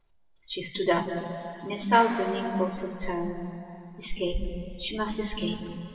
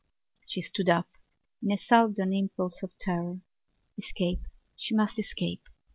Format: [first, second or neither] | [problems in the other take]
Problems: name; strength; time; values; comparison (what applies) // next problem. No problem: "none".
second | background sound (Clapping); 18 dB below the speech // room echo; dies away in 2.8 s